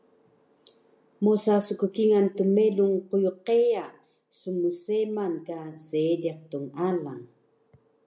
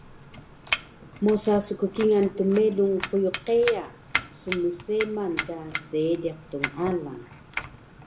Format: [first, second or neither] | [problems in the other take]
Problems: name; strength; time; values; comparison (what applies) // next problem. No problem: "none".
first | background sound (Domestic sounds, home sounds); 10 dB below the speech